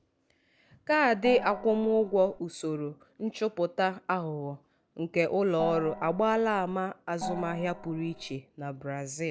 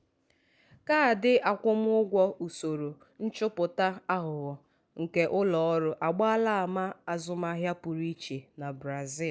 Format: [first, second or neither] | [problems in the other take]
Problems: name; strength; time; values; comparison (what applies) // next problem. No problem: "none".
second | background sound (Gong); 11 dB below the speech